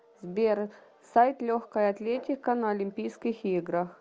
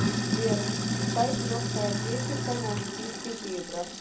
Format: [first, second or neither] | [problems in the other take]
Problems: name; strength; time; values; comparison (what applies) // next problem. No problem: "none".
first | background sound (Sink (filling or washing)); 4 dB above the speech // room echo; dies away in 0.3 s